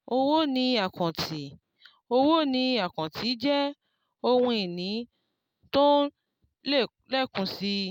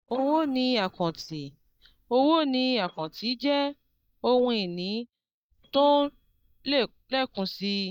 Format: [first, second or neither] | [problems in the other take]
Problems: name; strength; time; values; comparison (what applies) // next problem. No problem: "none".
first | noise reduction (neural mask model DeepFilterNet 3)